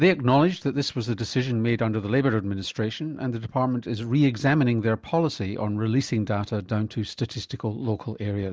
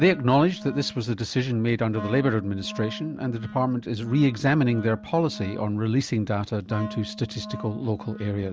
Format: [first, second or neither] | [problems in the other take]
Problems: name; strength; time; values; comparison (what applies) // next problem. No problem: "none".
first | background sound (Wind instrument, woodwind instrument); 15 dB below the speech